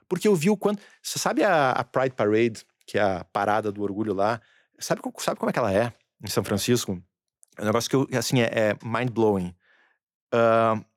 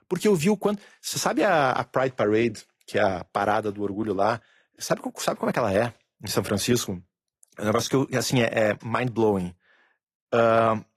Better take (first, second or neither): first